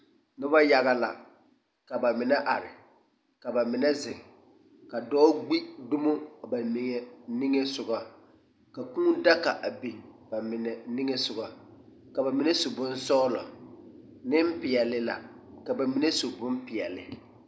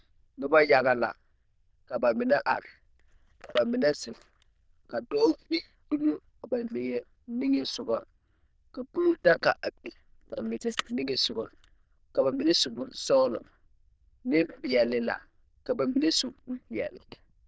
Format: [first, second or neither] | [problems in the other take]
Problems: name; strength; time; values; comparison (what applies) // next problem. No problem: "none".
first | noise reduction (neural diffusion model UNIVERSE++)